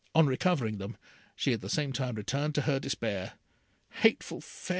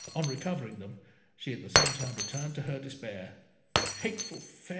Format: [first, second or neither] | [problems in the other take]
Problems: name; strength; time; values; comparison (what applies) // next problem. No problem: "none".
first | background sound (Shatter); 3 dB above the speech // room echo; dies away in 1.1 s